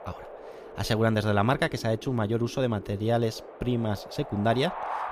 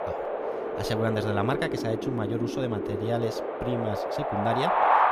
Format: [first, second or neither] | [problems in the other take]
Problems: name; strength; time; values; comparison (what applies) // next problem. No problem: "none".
first | wind noise on the microphone; heavy; 4 dB above the speech; occasional gusts in the first